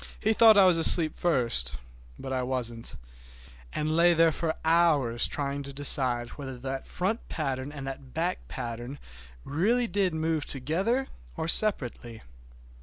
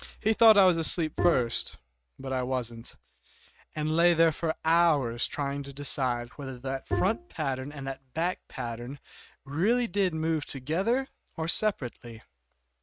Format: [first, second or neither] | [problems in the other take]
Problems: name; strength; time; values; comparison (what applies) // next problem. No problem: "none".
first | noise reduction (neural mask model RNNoise)